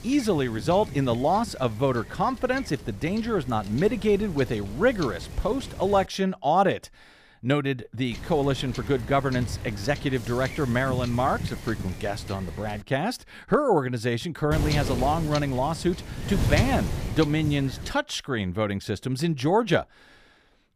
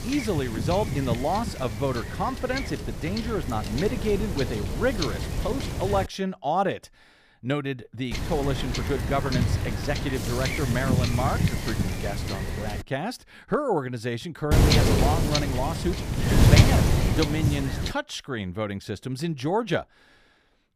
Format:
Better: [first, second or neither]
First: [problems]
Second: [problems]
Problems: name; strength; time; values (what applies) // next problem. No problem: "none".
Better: first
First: wind noise on the microphone; occasional gusts; until 6 s, from 8 to 13 s and from 15 to 18 s; 15 dB below the speech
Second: wind noise on the microphone; heavy; until 6 s, from 8 to 13 s and from 15 to 18 s; 2 dB below the speech